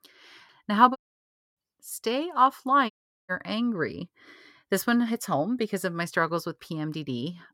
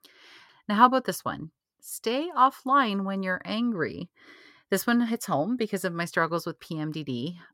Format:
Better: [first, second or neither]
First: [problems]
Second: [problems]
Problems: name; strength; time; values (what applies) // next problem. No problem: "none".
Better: second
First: audio cutting out; at 1 s for 0.5 s and at 3 s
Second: none